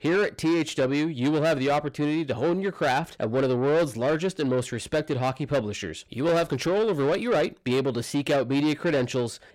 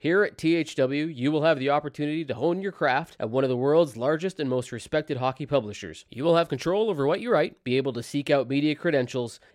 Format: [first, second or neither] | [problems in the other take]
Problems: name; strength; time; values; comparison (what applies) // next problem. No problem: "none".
second | distortion; slight; 10 dB below the speech